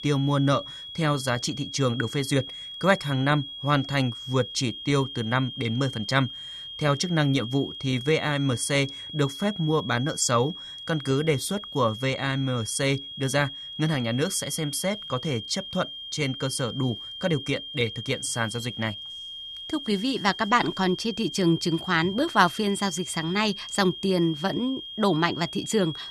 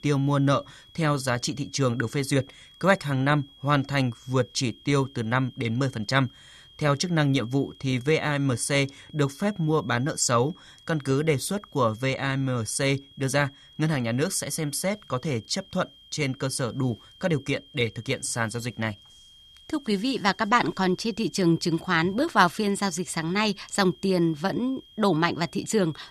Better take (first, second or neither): second